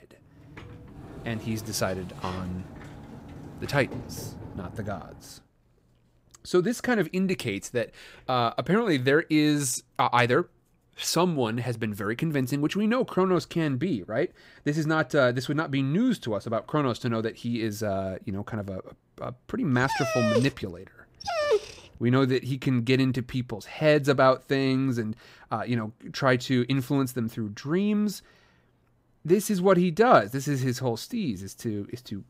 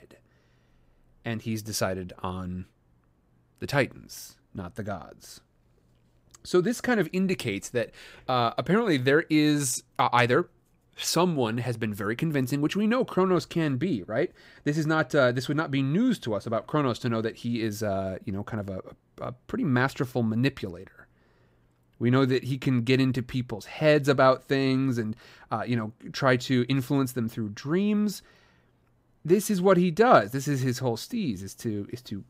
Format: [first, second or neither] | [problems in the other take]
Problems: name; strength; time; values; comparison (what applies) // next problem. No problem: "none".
second | door banging; faint; until 5.5 s; peak 10 dB below the speech // dog barking; loud; from 20 to 22 s; peak 1 dB above the speech